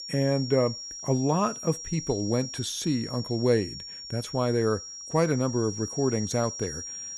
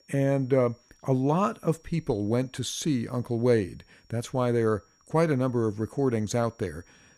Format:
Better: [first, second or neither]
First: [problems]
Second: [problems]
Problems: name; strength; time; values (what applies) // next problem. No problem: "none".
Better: second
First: high-pitched whine; loud; throughout; 5.5 kHz, 8 dB below the speech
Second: high-pitched whine; faint; throughout; 5.5 kHz, 35 dB below the speech